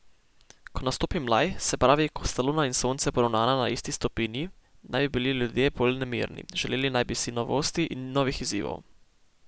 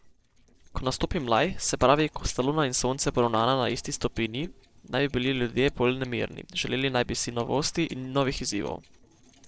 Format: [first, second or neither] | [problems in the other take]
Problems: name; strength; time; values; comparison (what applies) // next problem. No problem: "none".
first | noise reduction (neural separator model SepFormer DNS4)